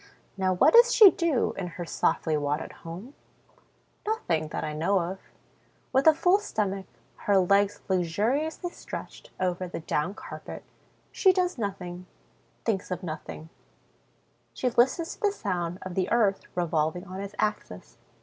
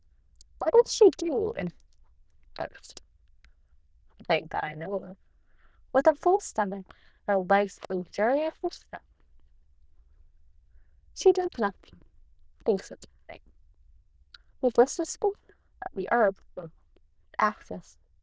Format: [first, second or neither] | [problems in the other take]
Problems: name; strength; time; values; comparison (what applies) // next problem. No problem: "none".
first | noise reduction (neural diffusion model UNIVERSE++)